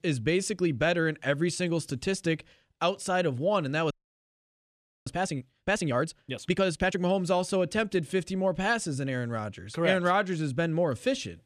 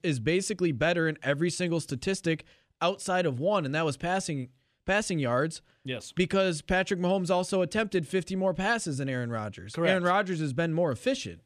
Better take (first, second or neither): second